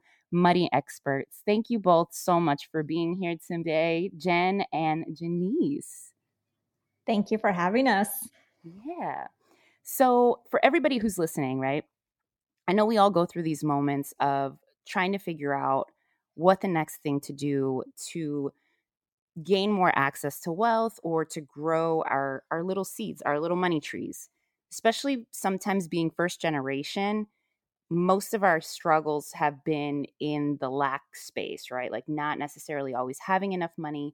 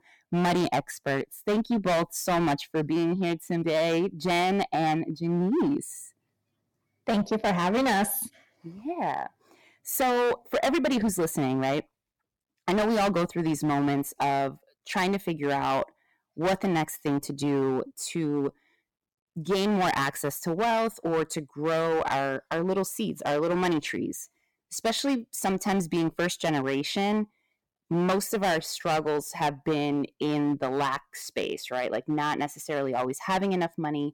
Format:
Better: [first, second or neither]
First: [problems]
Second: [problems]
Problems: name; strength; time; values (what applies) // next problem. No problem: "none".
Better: first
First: none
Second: distortion; heavy; 13% of the sound clipped